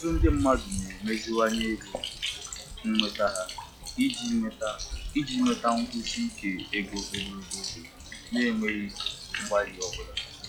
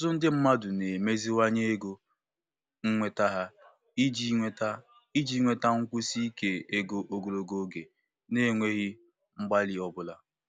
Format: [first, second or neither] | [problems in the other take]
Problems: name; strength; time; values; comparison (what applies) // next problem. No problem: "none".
second | noise reduction (classical method log-MMSE)